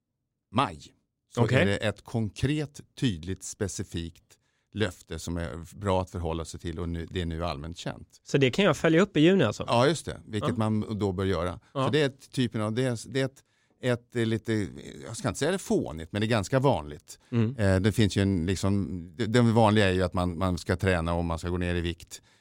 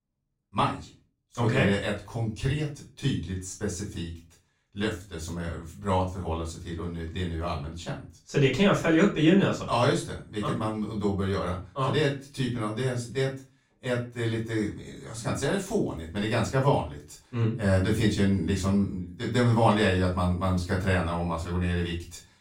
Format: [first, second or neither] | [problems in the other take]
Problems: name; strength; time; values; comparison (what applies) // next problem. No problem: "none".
first | off-mic speech; far // room echo; slight; dies away in 0.3 s